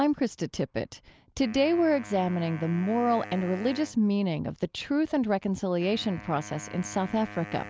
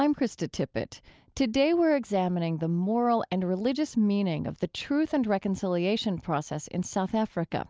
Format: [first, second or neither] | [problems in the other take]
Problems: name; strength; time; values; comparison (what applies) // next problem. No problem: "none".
second | background sound (Wind instrument, woodwind instrument); 18 dB below the speech